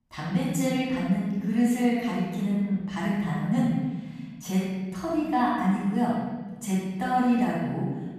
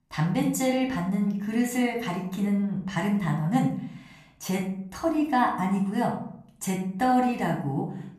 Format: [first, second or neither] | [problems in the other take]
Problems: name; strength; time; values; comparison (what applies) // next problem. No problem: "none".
second | room echo; strong; dies away in 1.7 s; slight in the second // off-mic speech; far; somewhat distant in the second